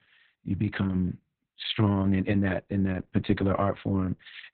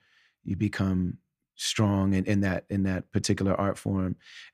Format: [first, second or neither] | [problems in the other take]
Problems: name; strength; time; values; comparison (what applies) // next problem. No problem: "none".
second | garbled, watery; badly; nothing above 4 kHz